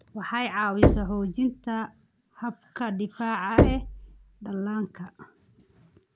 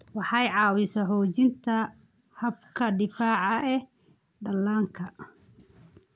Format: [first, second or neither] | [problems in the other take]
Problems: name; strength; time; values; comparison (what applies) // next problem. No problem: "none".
second | background sound (Knock); 3 dB above the speech